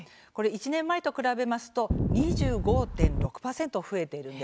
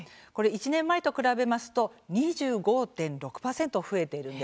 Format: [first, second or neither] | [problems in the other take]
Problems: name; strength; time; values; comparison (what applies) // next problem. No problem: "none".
second | background sound (Wind); 4 dB above the speech